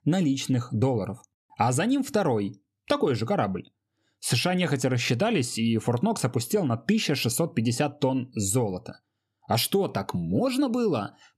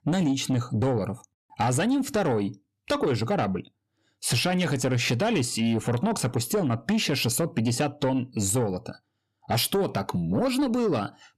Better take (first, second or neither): first